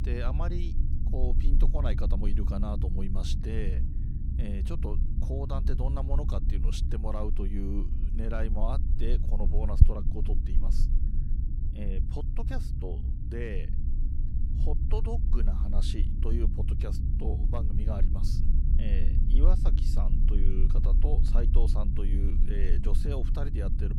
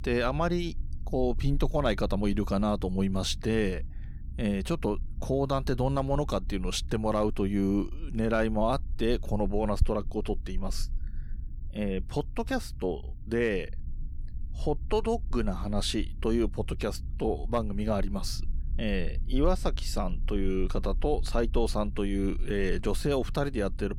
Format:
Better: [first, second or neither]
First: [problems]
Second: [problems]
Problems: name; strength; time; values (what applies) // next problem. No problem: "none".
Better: second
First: low rumble; loud; throughout; 5 dB below the speech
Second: low rumble; faint; throughout; 25 dB below the speech